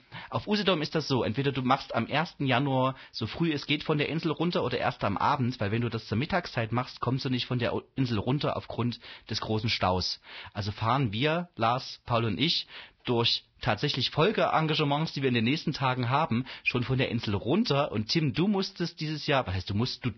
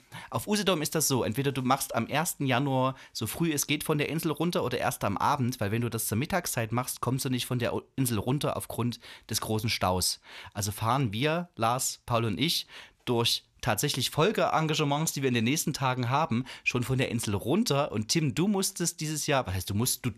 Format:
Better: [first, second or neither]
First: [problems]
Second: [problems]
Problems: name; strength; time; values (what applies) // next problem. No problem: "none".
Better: second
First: garbled, watery; badly; nothing above 5.5 kHz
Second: none